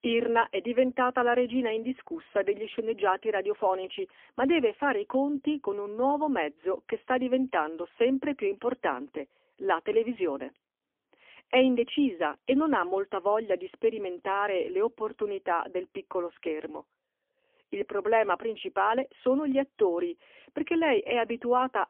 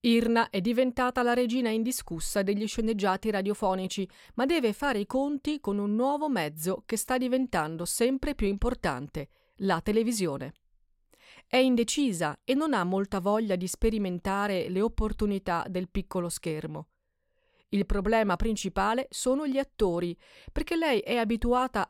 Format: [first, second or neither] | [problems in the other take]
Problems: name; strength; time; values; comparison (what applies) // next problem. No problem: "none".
second | phone-call audio; poor line; nothing above 3.5 kHz